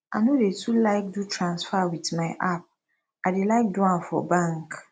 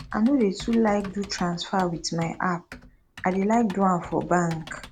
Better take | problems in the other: first | background sound (Typing); 19 dB below the speech

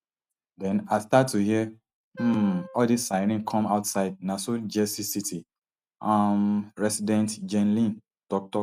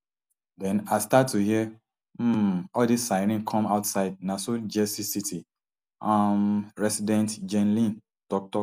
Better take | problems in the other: second | noise reduction (neural mask model RNNoise)

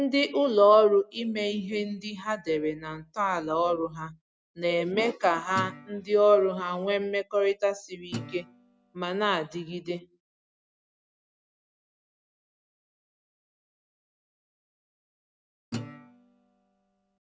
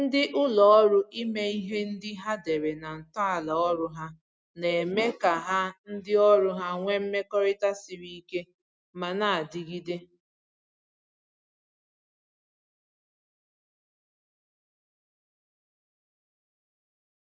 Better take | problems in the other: second | background sound (Guitar); 14 dB below the speech

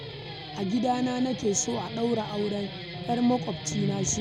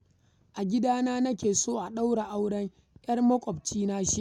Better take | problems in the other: second | background sound (Guitar); 8 dB below the speech

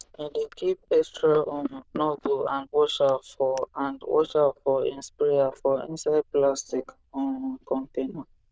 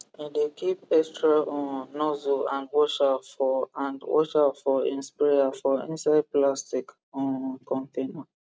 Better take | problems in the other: second | noise reduction (neural diffusion model UNIVERSE++)

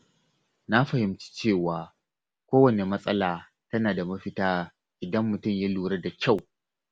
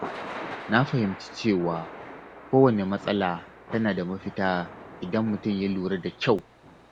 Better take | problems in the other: first | background sound (Thunder / Rain); 14 dB below the speech

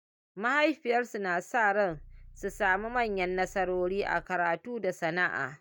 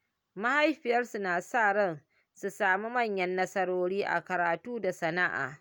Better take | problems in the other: second | noise reduction (neural mask model DeepFilterNet 3)

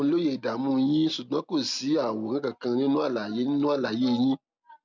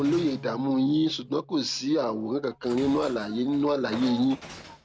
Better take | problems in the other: first | background sound (Train + Bowed string instrument); 17 dB below the speech

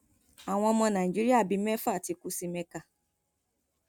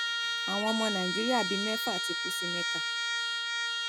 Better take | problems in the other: first | background sound (Trumpet); 3 dB above the speech

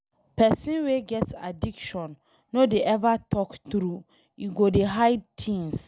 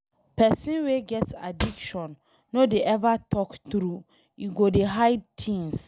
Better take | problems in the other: first | background sound (Cupboard open or close / Drawer open or close); 10 dB below the speech

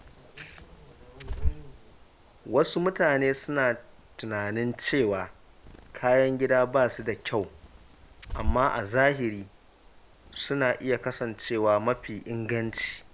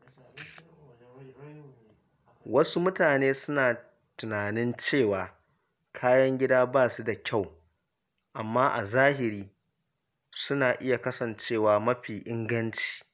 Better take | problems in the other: second | background sound (Bird); 10 dB below the speech

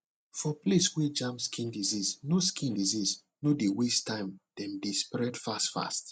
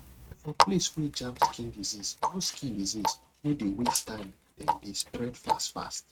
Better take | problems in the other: first | noise reduction (neural mask model RNNoise)

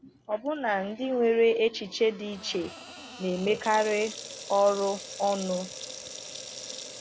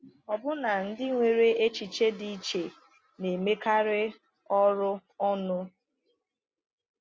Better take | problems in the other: second | background sound (Sink (filling or washing) / Water tap, faucet); 14 dB below the speech

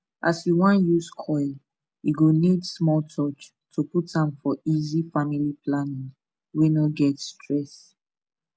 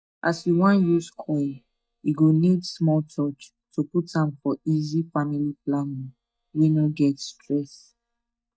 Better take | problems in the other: first | noise reduction (neural mask model DeepFilterNet 3)

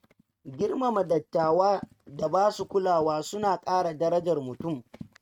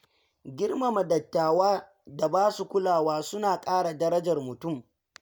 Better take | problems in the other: second | noise reduction (neural mask model RNNoise)

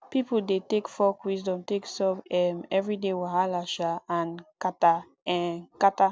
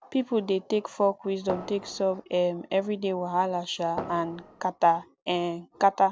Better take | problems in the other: first | background sound (Fireworks); 11 dB below the speech

